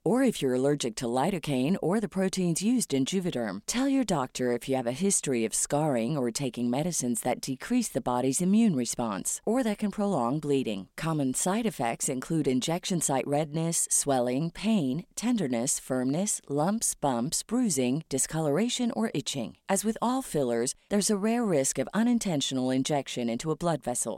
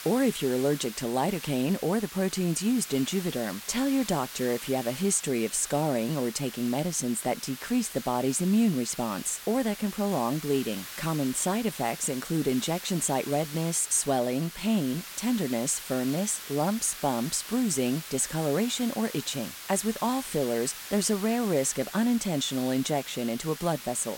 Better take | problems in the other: first | hiss; noticeable; throughout; 10 dB below the speech

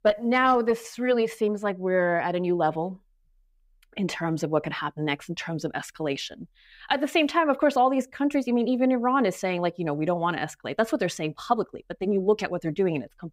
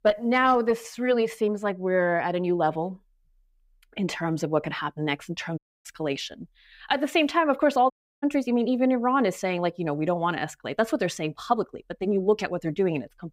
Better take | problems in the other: first | audio cutting out; at 5.5 s and at 8 s

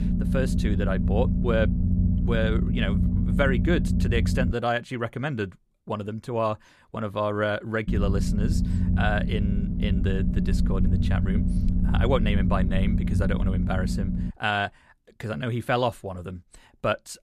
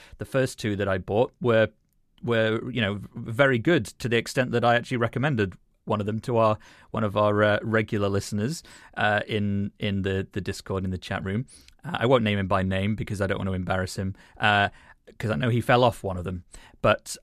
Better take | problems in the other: second | low rumble; loud; until 4.5 s and from 8 to 14 s; 7 dB below the speech

